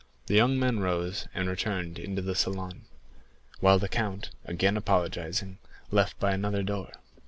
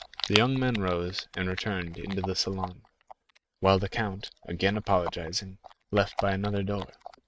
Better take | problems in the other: first | noise reduction (neural mask model RNNoise)

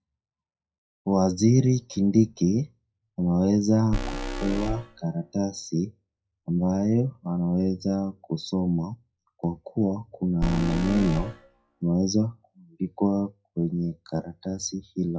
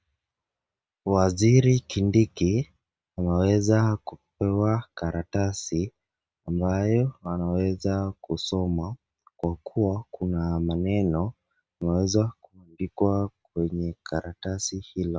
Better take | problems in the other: second | noise reduction (classical method WPE with log-MMSE)

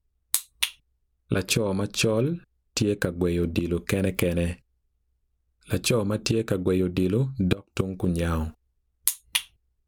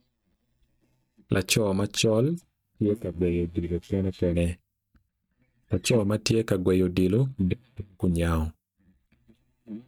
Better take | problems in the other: first | noise reduction (neural mask model DeepFilterNet 3)

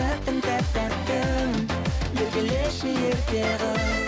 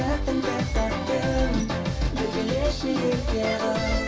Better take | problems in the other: first | background sound (Wind chime); 17 dB below the speech // room echo; dies away in 0.3 s

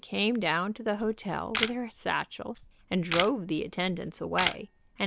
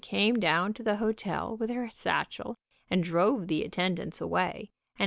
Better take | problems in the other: second | background sound (Camera); 6 dB below the speech

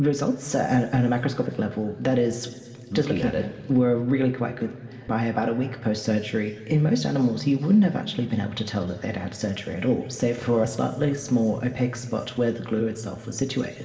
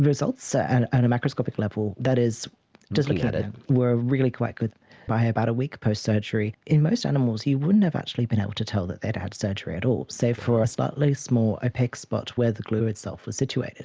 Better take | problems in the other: second | room echo; dies away in 2.1 s

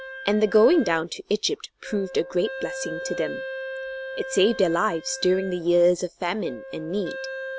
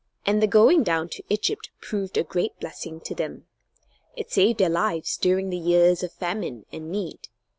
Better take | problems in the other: second | background sound (Wind instrument, woodwind instrument); 11 dB below the speech

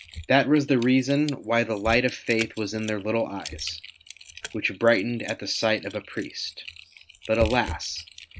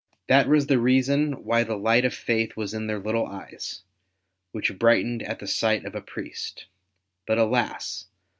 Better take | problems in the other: second | background sound (Typing); 14 dB below the speech

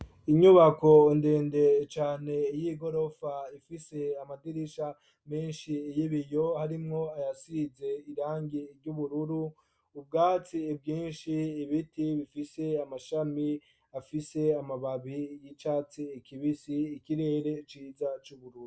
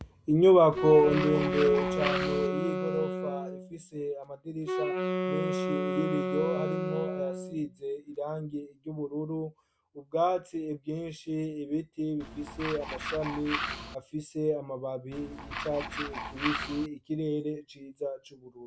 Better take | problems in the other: first | background sound (Tools + Wind instrument, woodwind instrument); 3 dB below the speech

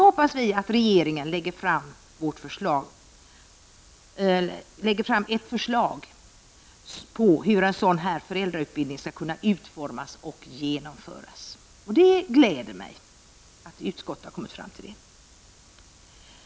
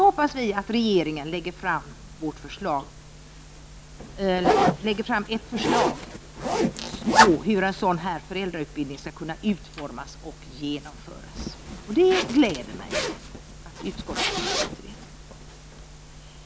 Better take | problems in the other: first | background sound (Zipper (clothing)); 2 dB below the speech

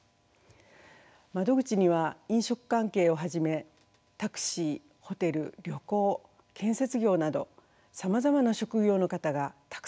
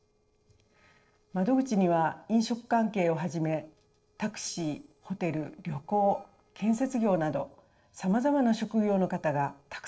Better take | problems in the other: first | noise reduction (neural separator model SepFormer DNS4)

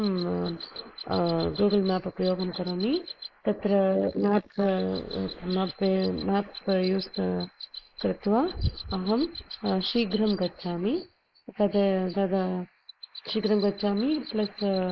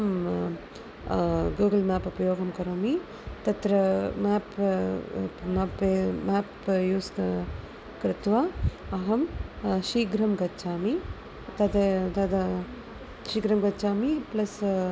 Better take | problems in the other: second | noise reduction (neural mask model Resemble Enhance denoiser)

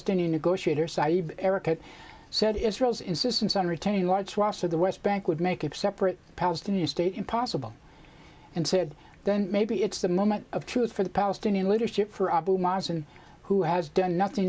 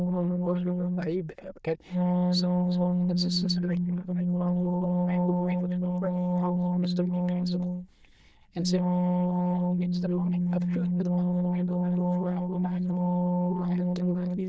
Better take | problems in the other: first | noise reduction (neural diffusion model UNIVERSE++)

